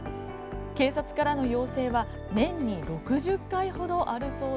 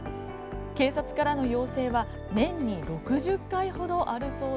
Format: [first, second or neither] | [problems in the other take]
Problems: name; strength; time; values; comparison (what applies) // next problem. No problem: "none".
first | background sound (Wind instrument, woodwind instrument); 16 dB below the speech